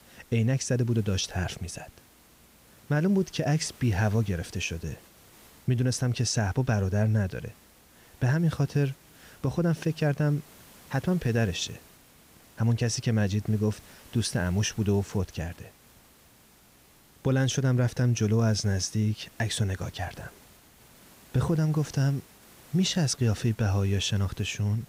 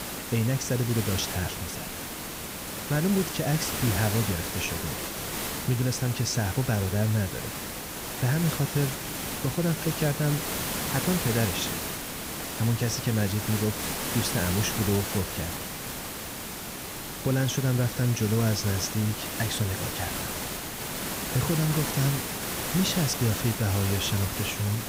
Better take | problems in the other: first | hiss; loud; throughout; 3 dB below the speech; faint in the first

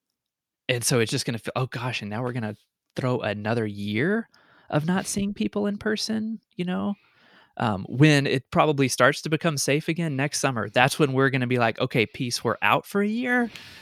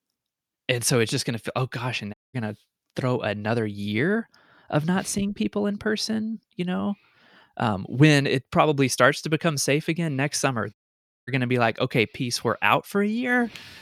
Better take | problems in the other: first | audio cutting out; at 2 s and at 11 s for 0.5 s

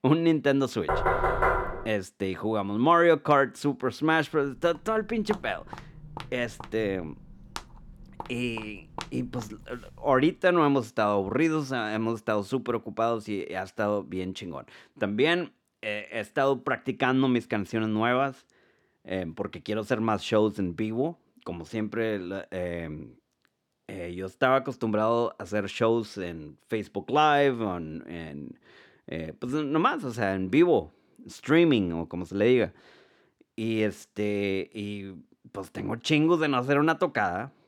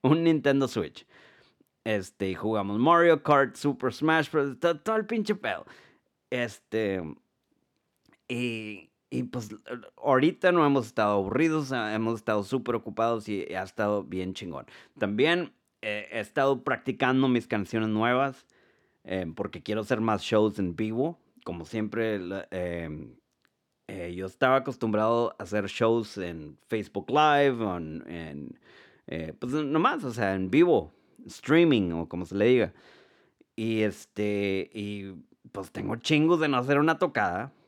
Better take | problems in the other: second | door banging; loud; at 1 s; peak 2 dB above the speech // footsteps; faint; from 4.5 to 10 s; peak 15 dB below the speech

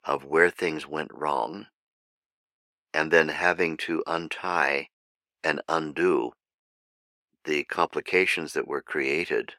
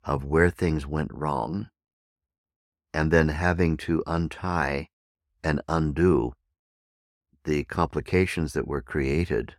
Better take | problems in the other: second | thin; somewhat; fading below 450 Hz

